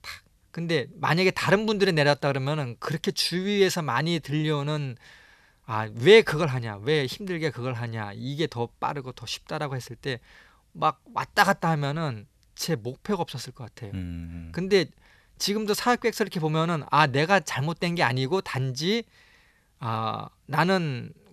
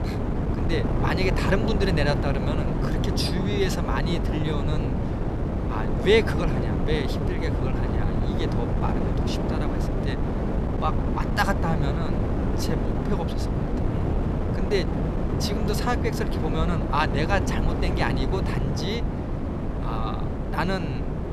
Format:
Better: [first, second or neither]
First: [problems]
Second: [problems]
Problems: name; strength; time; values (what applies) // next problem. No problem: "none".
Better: first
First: none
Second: wind noise on the microphone; heavy; 3 dB below the speech